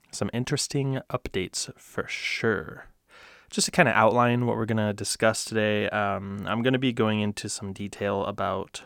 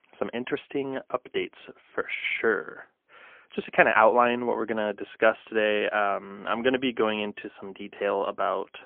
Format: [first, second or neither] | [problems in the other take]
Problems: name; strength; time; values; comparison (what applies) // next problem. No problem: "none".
first | phone-call audio; poor line; nothing above 3.5 kHz